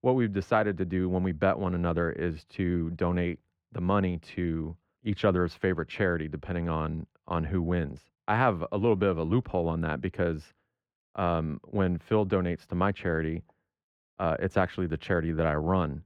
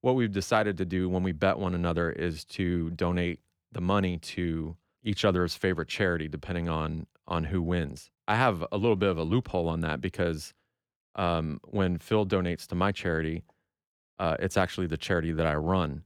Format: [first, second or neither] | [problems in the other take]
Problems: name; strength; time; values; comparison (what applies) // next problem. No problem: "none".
second | muffled; slightly; fading above 3.5 kHz